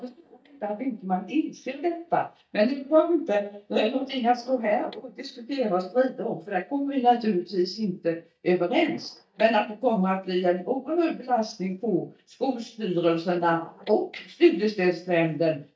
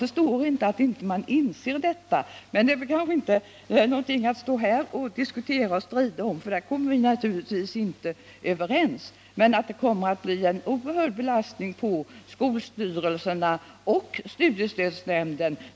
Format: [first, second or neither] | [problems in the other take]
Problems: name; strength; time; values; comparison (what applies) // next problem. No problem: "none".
second | noise reduction (neural mask model DeepFilterNet 3)